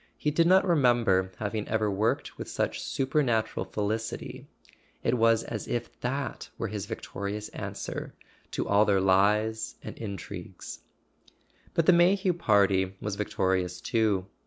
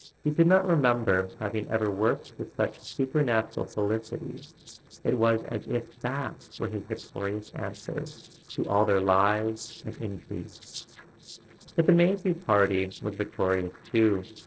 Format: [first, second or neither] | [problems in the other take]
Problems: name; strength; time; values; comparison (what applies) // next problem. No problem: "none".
first | noise reduction (neural separator model SepFormer DNS4)